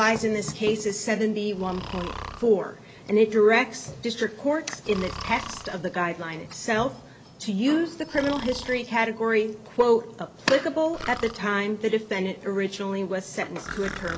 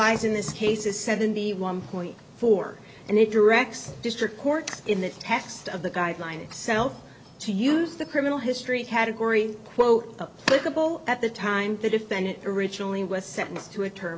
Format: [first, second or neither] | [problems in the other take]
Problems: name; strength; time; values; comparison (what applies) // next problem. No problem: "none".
second | background sound (Breathing); 17 dB below the speech